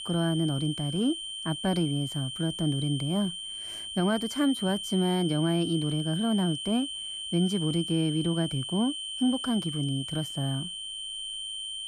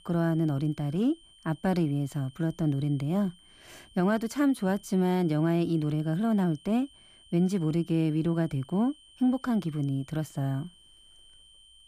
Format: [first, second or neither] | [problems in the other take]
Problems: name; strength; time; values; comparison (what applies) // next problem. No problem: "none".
second | high-pitched whine; loud; throughout; 3 kHz, 5 dB below the speech; faint in the second